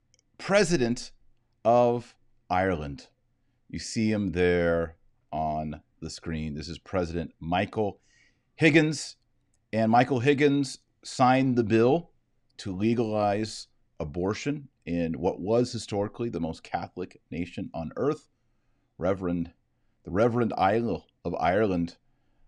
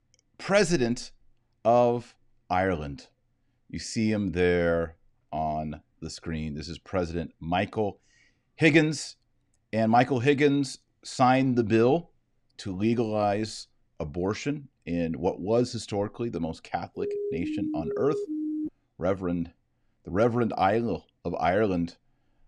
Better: first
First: none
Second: siren; noticeable; from 17 to 19 s; peak 4 dB below the speech

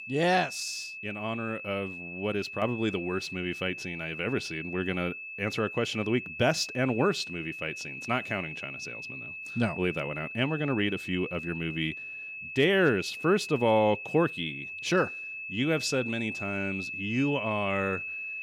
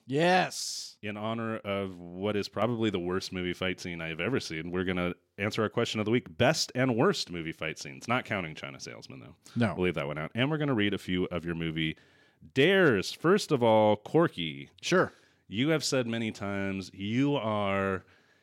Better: second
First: high-pitched whine; loud; throughout; 2.5 kHz, 7 dB below the speech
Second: none

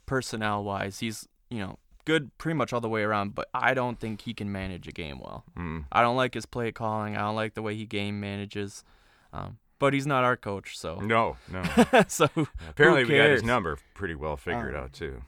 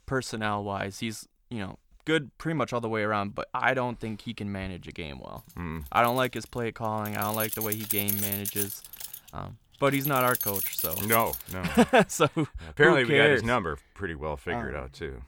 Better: first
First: none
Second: jangling keys; loud; from 6 to 12 s; peak 1 dB above the speech

